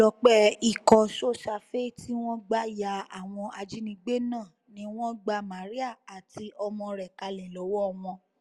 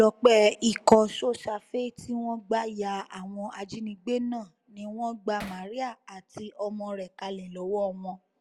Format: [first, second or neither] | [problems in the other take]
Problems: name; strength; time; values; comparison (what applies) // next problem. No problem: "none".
first | background sound (Hammer); 15 dB below the speech